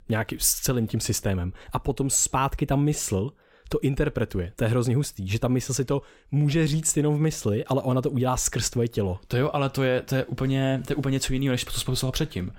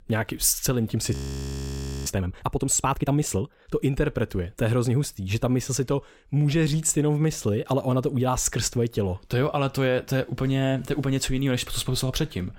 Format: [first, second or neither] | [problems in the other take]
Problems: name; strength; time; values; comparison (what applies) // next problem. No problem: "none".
first | audio freezing; at 1 s for 1 s